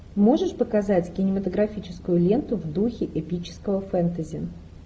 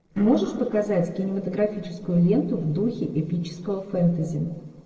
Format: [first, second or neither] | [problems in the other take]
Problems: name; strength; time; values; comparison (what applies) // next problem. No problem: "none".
first | noise reduction (neural separator model SepFormer DNS4)